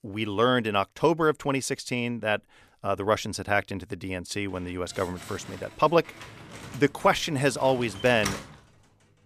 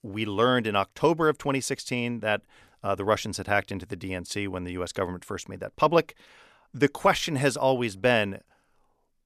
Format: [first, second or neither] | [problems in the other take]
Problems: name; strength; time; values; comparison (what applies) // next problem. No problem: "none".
second | door banging; noticeable; from 5 to 8.5 s; peak 6 dB below the speech